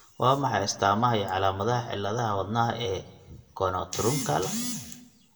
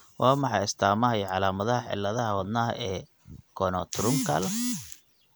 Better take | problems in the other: second | room echo; dies away in 0.8 s

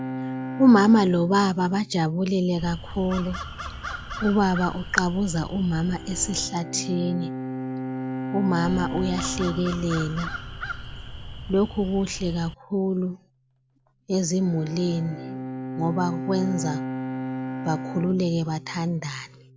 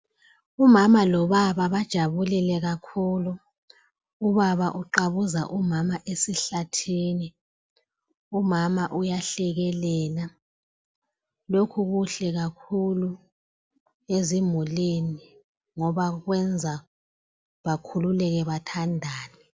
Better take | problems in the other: second | background sound (Bowed string instrument + Crow); 8 dB below the speech

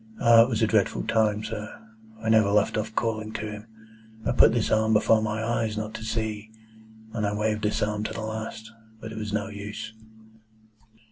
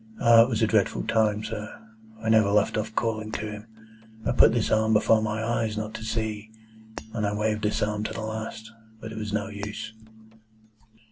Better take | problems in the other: first | background sound (Shatter); 20 dB below the speech

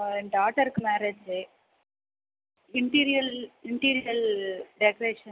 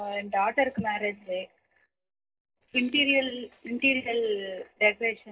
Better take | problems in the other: first | noise reduction (neural separator model SepFormer DNS4)

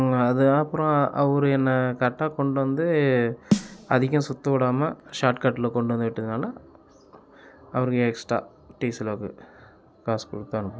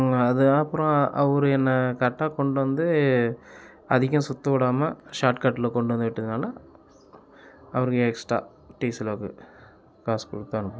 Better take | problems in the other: second | background sound (Snare drum); 7 dB below the speech

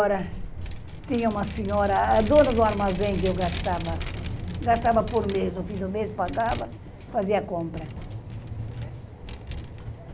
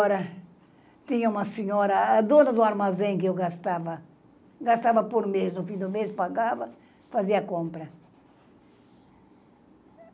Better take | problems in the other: second | background sound (Vehicle); 7 dB below the speech

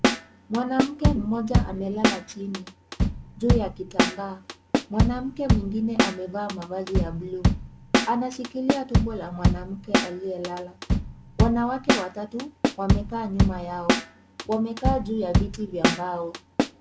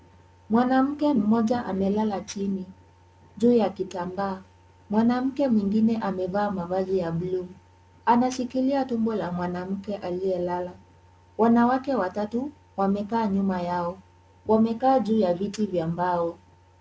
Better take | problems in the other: second | background sound (Drum / Drum kit); 4 dB above the speech

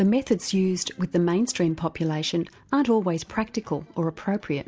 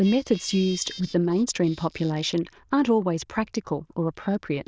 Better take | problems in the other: first | noise reduction (neural diffusion model UNIVERSE++)

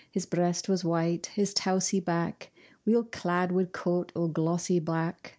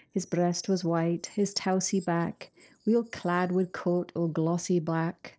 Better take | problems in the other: first | noise reduction (neural separator model SepFormer DNS4)

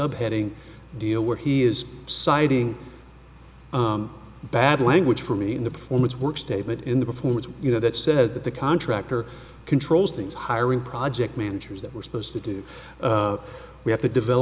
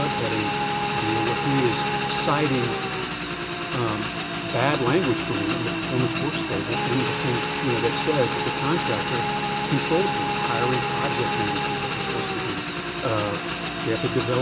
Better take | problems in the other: first | background sound (Motorcycle / Engine); 1 dB above the speech

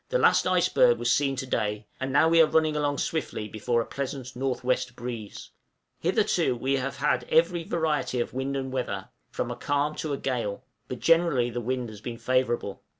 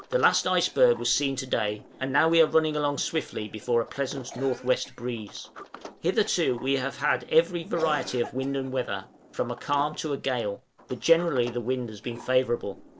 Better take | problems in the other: first | background sound (Sliding door + Cough); 19 dB below the speech

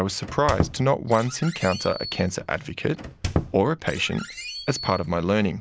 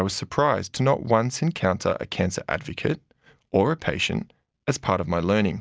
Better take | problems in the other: second | background sound (Squeak); 8 dB below the speech

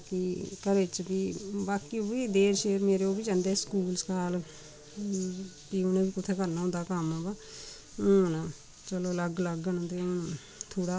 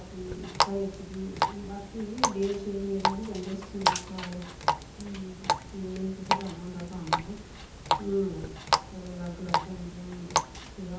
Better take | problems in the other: first | background sound (Water tap, faucet); 3 dB above the speech // room echo; dies away in 0.6 s

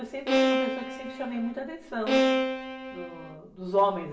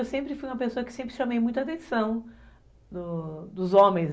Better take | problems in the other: second | background sound (Bowed string instrument); 4 dB above the speech // room echo; dies away in 0.8 s

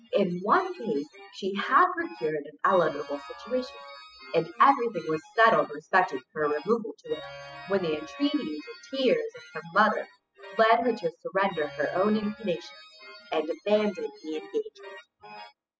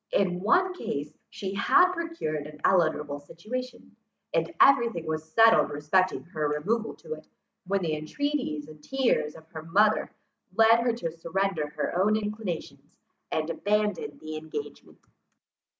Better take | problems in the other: second | noise reduction (classical method spectral subtraction)

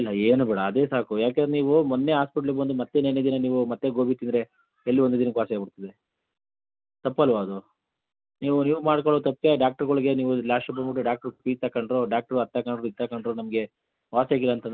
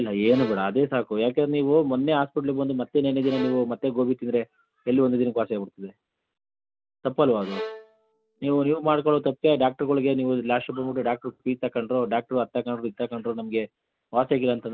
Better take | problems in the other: first | background sound (Bowed string instrument); 16 dB below the speech

